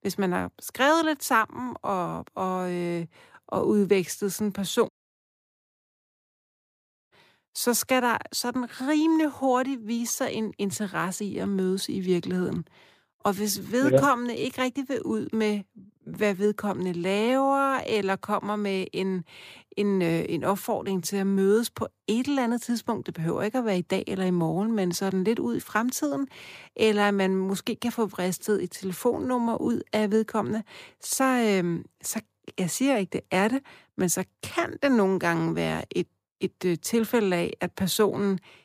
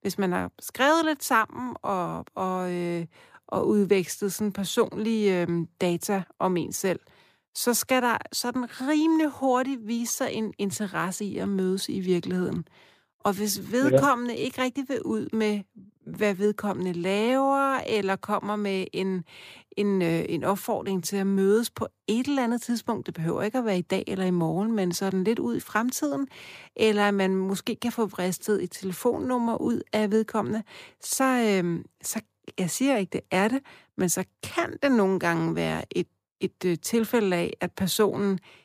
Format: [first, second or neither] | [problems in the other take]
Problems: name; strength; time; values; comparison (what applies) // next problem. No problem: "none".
second | audio cutting out; at 5 s for 2 s